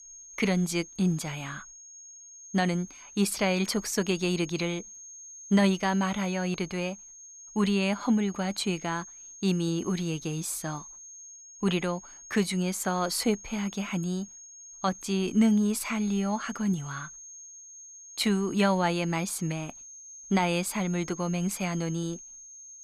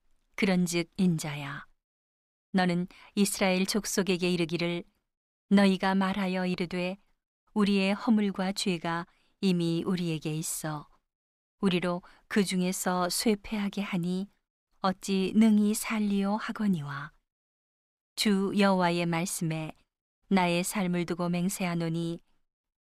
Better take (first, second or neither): second